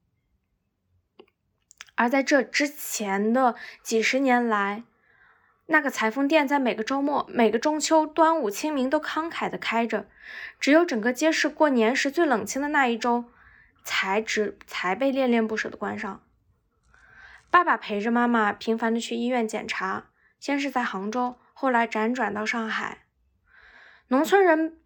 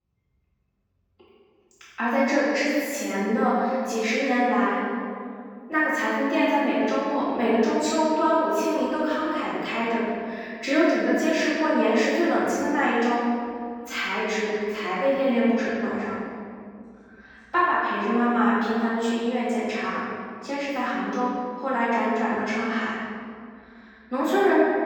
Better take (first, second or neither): first